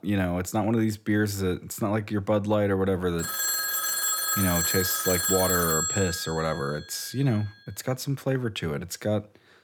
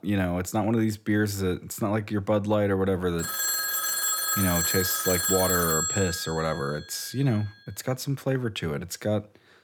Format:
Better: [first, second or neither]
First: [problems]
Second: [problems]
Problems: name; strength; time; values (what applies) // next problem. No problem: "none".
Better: neither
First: phone ringing; loud; from 3 to 6.5 s; peak 4 dB above the speech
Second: phone ringing; loud; from 3 to 6.5 s; peak 4 dB above the speech